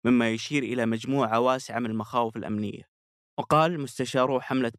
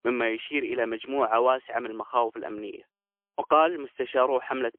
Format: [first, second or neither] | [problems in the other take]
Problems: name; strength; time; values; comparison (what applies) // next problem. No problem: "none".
first | phone-call audio; poor line; nothing above 3.5 kHz